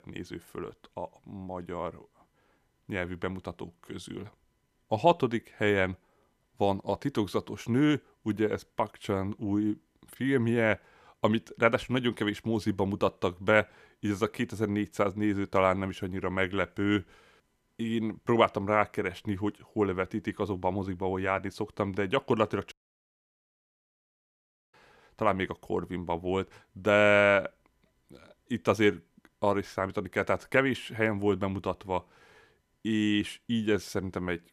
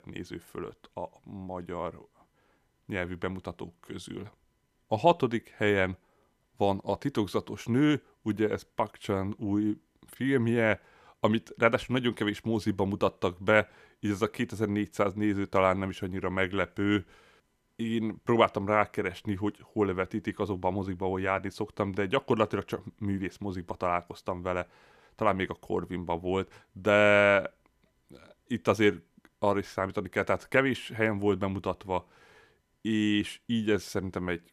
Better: second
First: audio cutting out; at 23 s for 2 s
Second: none

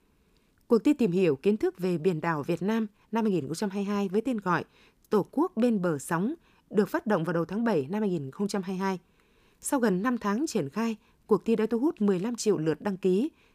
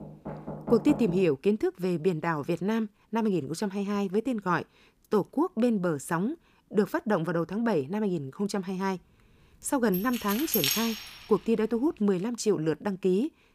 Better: first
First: none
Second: door banging; noticeable; until 1.5 s; peak 6 dB below the speech // jangling keys; loud; from 10 to 11 s; peak 3 dB above the speech

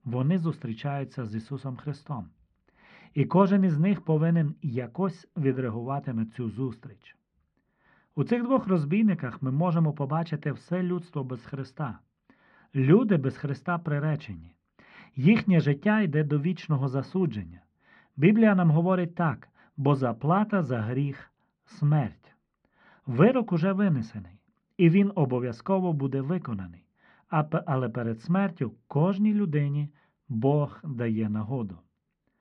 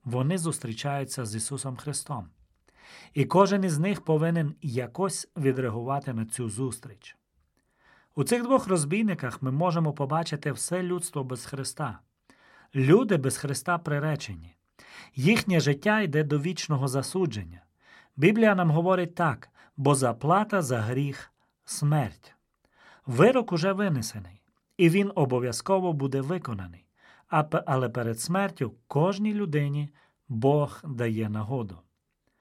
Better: second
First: muffled; slightly; fading above 3 kHz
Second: none

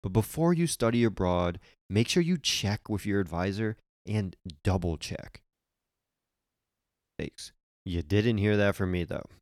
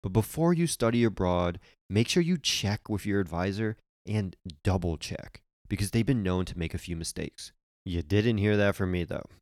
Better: second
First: audio cutting out; at 5.5 s for 1.5 s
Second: none

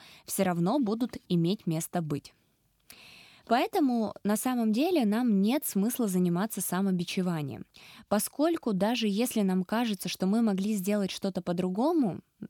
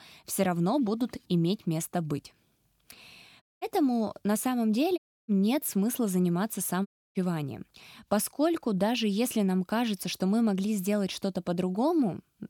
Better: first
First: none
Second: audio cutting out; at 3.5 s, at 5 s and at 7 s

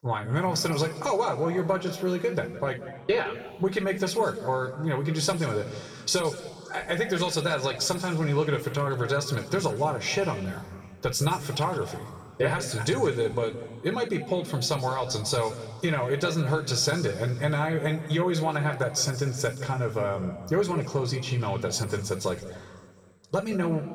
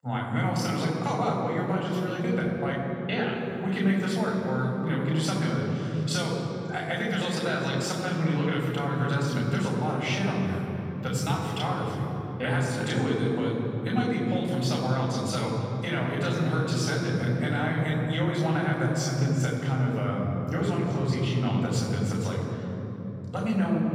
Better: first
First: room echo; slight; dies away in 1.5 s // off-mic speech; somewhat distant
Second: room echo; strong; dies away in 3 s // off-mic speech; far

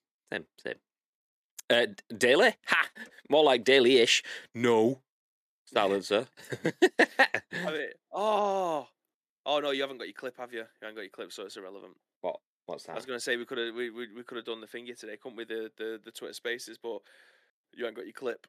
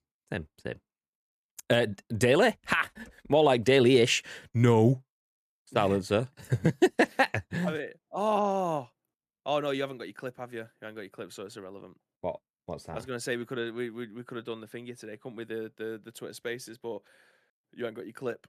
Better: second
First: thin; very slightly; fading below 350 Hz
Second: none

